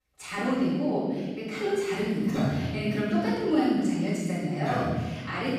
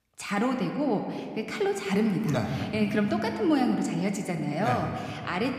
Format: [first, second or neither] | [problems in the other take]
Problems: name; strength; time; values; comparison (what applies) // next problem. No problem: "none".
second | room echo; strong; dies away in 1.5 s; slight in the second // off-mic speech; far